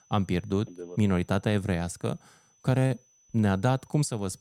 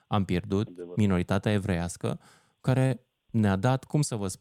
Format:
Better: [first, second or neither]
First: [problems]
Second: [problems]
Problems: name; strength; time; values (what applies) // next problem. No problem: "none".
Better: second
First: high-pitched whine; faint; throughout; 6 kHz, 35 dB below the speech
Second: none